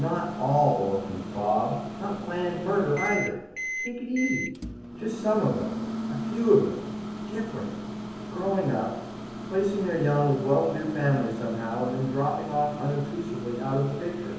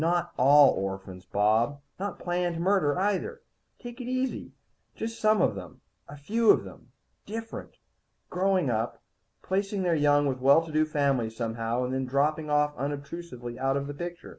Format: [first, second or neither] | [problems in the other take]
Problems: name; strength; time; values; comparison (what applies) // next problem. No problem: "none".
second | background sound (Microwave oven); 7 dB below the speech // room echo; dies away in 0.8 s